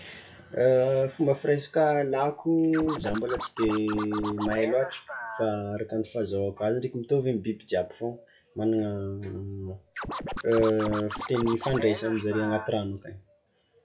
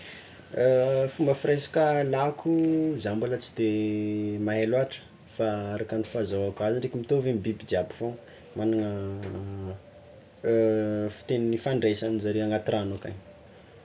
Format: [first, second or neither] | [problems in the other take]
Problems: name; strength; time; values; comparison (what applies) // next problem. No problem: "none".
second | noise reduction (classical method log-MMSE)